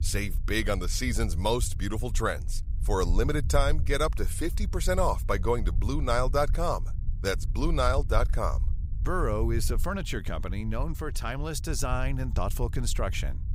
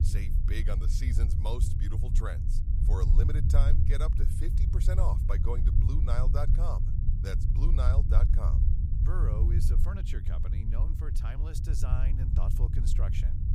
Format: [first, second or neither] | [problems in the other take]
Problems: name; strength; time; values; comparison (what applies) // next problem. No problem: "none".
first | low rumble; loud; throughout; 3 dB below the speech; faint in the first